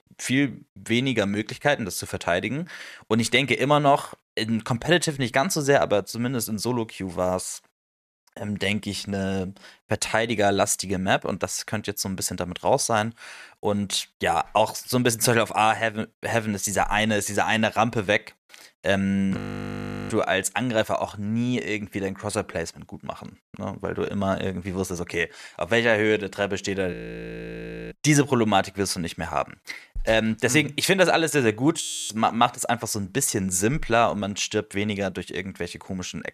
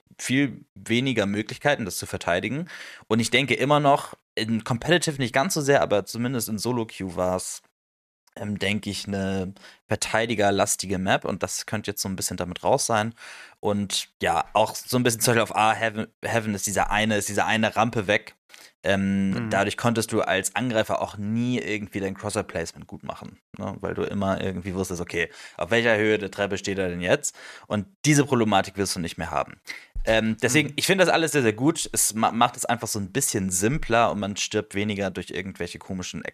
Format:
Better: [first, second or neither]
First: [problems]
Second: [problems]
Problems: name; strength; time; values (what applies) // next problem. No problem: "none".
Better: second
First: audio freezing; at 19 s for 0.5 s, at 27 s for 1 s and at 32 s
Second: none